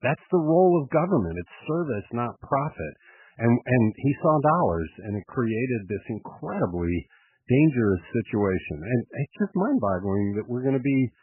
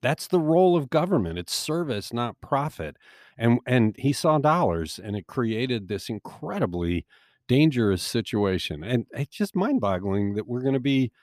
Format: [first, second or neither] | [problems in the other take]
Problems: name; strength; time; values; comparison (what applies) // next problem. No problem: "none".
second | garbled, watery; badly; nothing above 2.5 kHz